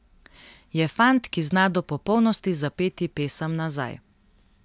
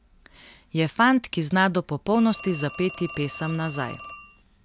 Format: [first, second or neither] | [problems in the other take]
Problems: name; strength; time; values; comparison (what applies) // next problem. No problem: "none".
first | background sound (Telephone); 18 dB below the speech